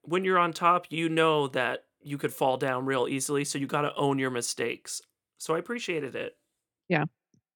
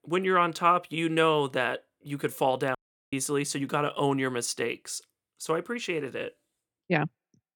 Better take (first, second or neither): first